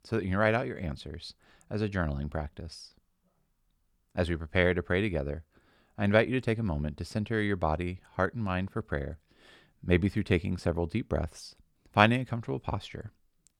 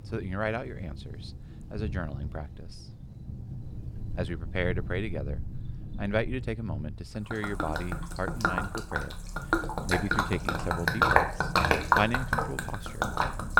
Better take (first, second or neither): first